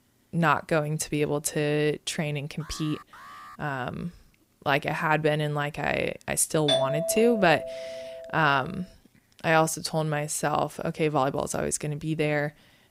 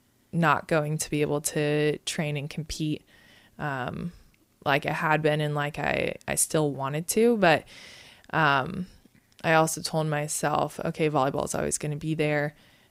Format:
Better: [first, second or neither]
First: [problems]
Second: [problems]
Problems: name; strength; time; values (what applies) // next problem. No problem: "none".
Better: second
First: alarm; faint; at 2.5 s; peak 20 dB below the speech // doorbell; loud; from 6.5 to 8 s; peak 2 dB above the speech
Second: none